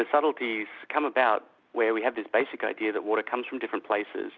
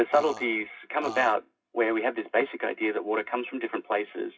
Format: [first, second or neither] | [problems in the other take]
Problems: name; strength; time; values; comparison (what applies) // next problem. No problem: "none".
first | noise reduction (classical method WPE with log-MMSE)